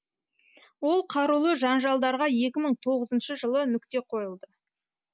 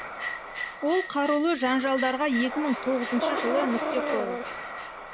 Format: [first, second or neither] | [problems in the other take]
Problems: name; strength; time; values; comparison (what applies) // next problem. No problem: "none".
first | background sound (Bell + Breathing); 5 dB below the speech